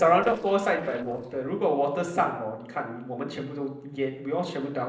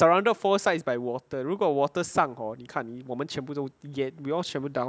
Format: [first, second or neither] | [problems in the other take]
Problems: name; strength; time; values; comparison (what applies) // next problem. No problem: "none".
second | noise reduction (neural separator model SepFormer DNS4)